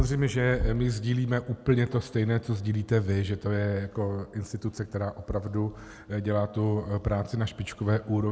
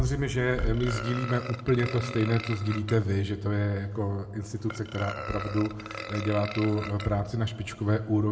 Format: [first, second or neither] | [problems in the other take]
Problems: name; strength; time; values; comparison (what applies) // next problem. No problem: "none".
first | background sound (Burping, eructation); 11 dB below the speech // room echo; dies away in 0.7 s